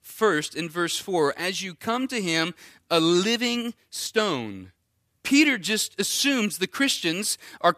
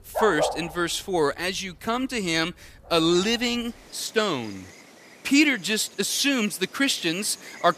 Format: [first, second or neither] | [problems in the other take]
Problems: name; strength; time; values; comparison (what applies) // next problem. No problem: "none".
first | animal sounds; noticeable; throughout; 15 dB below the speech